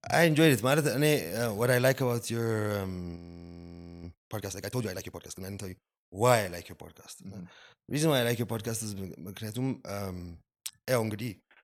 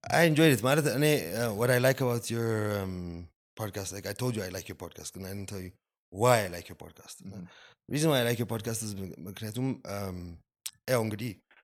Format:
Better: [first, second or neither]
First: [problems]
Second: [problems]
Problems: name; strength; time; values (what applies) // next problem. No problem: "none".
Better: second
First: audio freezing; at 3 s for 1 s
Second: none